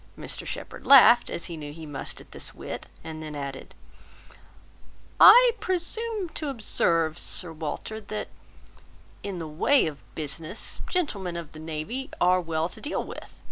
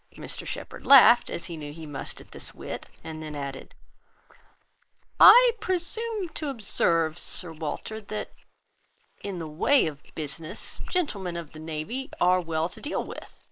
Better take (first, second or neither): first